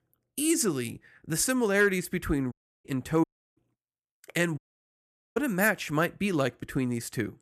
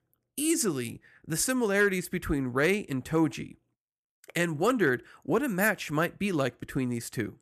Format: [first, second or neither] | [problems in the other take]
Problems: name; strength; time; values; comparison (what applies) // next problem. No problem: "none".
second | audio cutting out; at 2.5 s, at 3 s and at 4.5 s for 1 s